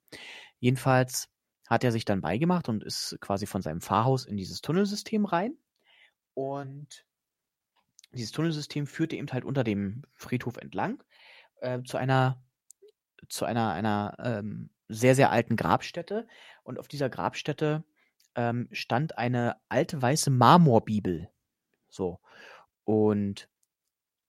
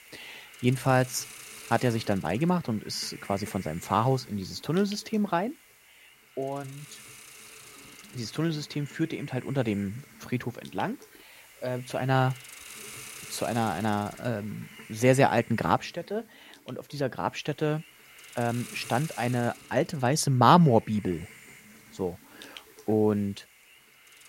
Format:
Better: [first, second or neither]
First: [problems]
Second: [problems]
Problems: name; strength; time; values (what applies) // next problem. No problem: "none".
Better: first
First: none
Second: hiss; noticeable; throughout; 20 dB below the speech